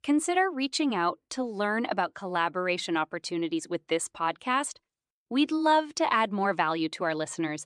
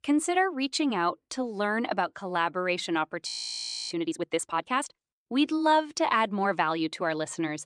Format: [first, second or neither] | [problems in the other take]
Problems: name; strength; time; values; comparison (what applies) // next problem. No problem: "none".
first | audio freezing; at 3.5 s for 0.5 s